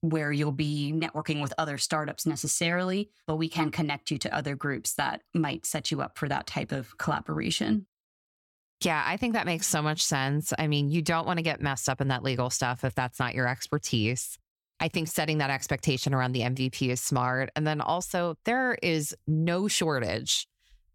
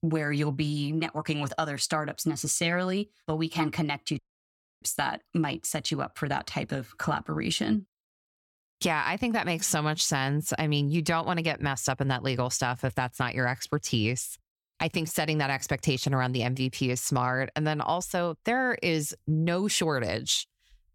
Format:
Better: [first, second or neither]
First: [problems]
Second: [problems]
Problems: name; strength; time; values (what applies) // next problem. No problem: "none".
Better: first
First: none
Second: audio cutting out; at 4 s for 0.5 s